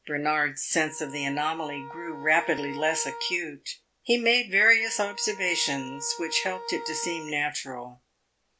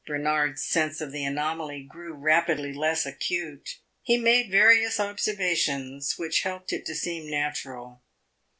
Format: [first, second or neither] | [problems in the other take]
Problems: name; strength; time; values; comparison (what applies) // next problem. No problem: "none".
second | background sound (Wind instrument, woodwind instrument); 15 dB below the speech